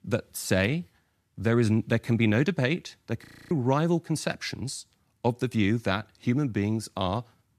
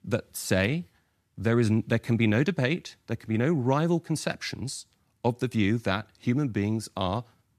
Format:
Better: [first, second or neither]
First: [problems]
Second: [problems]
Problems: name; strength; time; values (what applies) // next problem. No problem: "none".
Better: second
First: audio freezing; at 3.5 s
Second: none